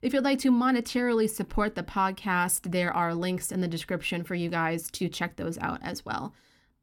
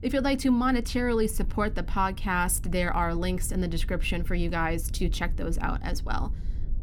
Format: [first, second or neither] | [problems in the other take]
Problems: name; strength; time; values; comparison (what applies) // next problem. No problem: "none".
first | low rumble; faint; throughout; 25 dB below the speech